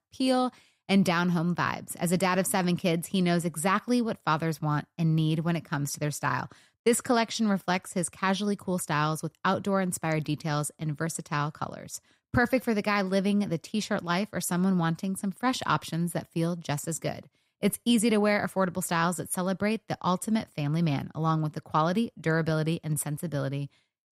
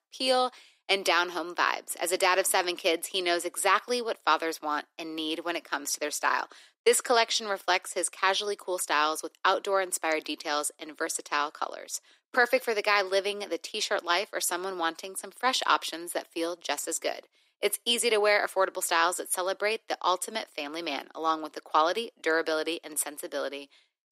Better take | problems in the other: first | thin; very; fading below 350 Hz

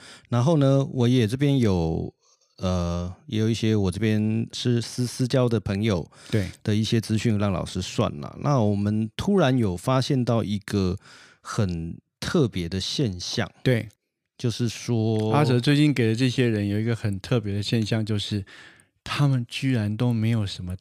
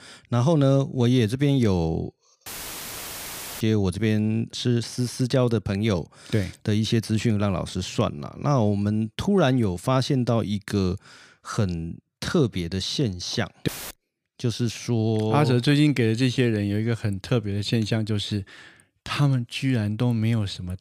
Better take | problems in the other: first | audio cutting out; filled with static; at 2.5 s for 1 s and at 14 s

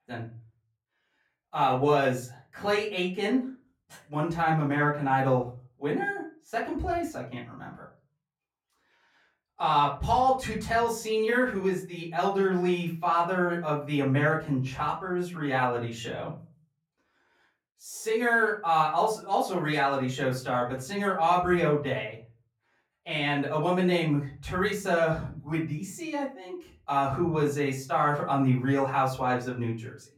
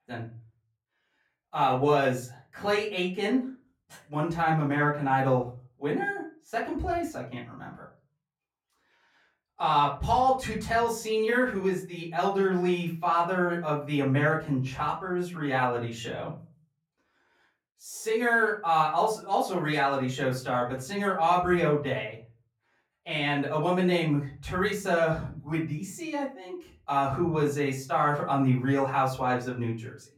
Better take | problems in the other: neither | off-mic speech; far; the same in both // room echo; slight; dies away in 0.4 s; the same in both

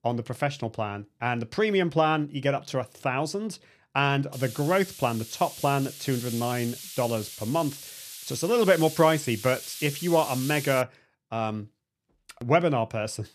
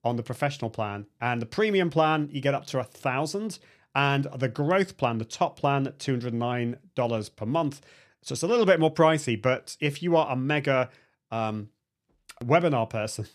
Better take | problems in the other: second | hiss; noticeable; from 4.5 to 11 s; 10 dB below the speech

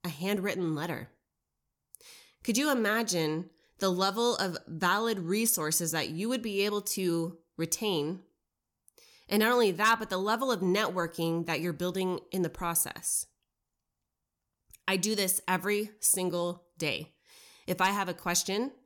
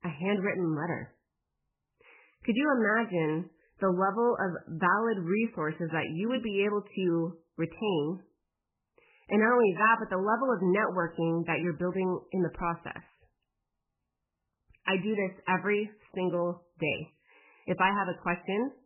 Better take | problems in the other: first | garbled, watery; badly; nothing above 3 kHz

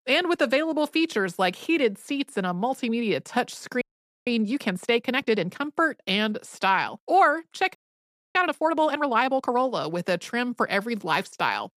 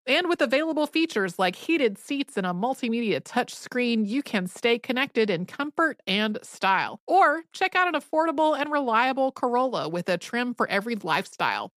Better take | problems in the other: second | audio freezing; at 4 s and at 8 s for 0.5 s

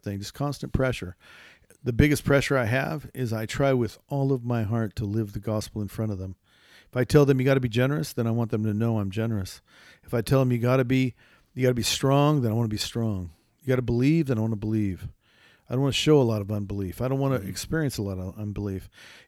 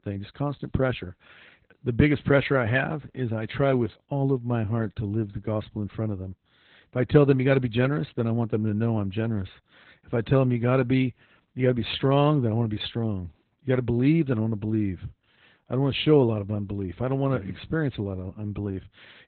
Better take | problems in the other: first | garbled, watery; badly; nothing above 4 kHz

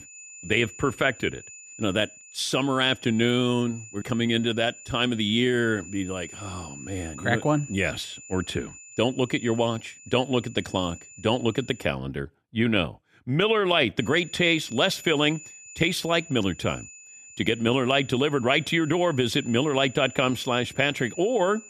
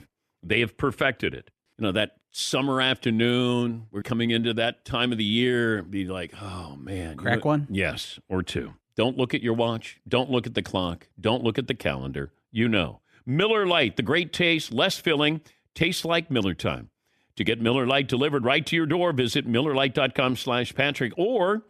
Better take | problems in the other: second | high-pitched whine; noticeable; until 12 s and from 14 s on; 7 kHz, 20 dB below the speech

